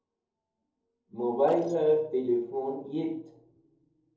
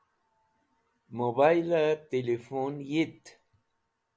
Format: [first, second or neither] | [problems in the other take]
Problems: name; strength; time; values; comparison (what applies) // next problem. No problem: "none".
second | noise reduction (neural separator model SepFormer DNS4)